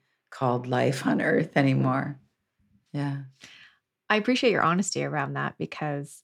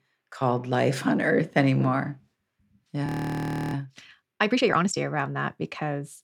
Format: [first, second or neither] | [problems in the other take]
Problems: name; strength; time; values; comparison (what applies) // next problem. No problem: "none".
first | audio freezing; at 3 s for 0.5 s